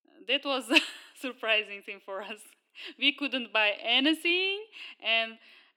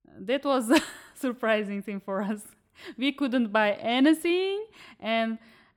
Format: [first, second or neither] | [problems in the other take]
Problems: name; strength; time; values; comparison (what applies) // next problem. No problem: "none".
second | thin; very slightly; fading below 300 Hz